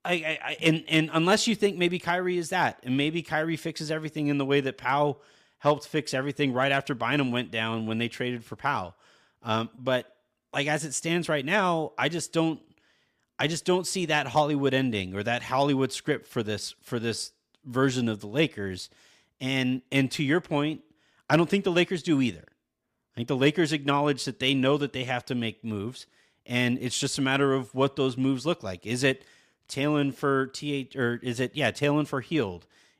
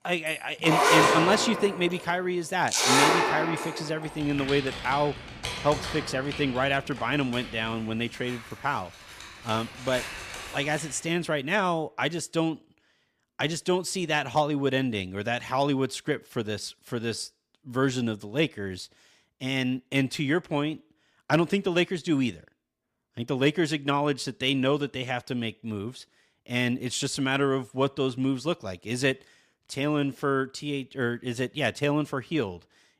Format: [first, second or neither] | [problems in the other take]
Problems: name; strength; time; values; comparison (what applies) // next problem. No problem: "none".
first | household noises; very loud; until 11 s; 1 dB above the speech